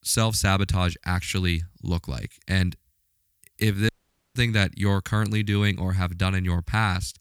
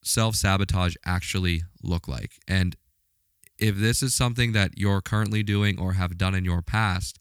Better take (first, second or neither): second